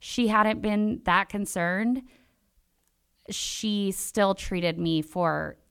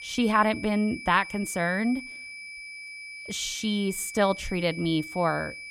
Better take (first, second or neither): first